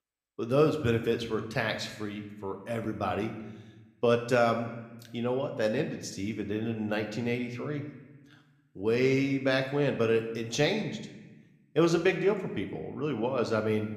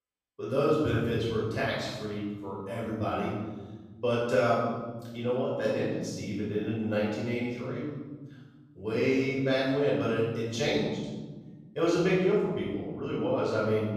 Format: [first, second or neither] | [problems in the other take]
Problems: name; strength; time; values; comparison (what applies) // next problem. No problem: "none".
first | room echo; strong; dies away in 1.4 s; slight in the first // off-mic speech; far